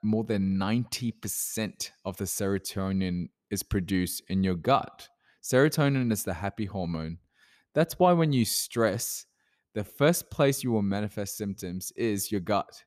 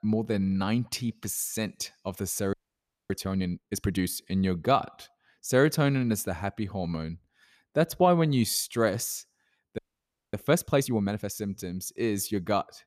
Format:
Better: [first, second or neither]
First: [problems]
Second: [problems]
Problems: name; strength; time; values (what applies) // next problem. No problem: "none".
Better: first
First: none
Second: audio freezing; at 2.5 s for 0.5 s and at 10 s for 0.5 s